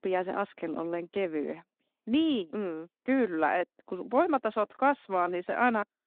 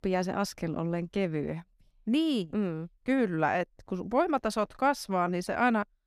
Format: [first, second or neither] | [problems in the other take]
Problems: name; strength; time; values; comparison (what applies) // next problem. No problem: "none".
second | phone-call audio